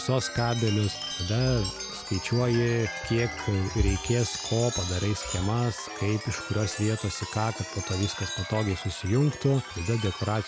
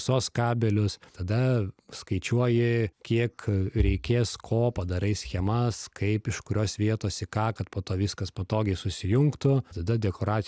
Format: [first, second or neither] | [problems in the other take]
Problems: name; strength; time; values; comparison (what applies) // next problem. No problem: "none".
second | background sound (Chime); 9 dB below the speech